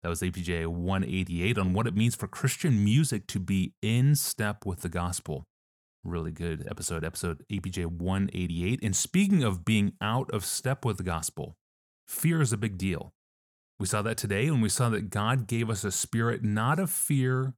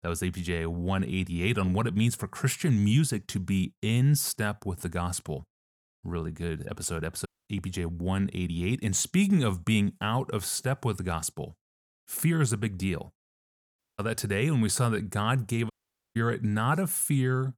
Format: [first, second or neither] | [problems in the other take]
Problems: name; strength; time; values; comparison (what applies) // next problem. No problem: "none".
first | audio cutting out; at 7.5 s, at 14 s and at 16 s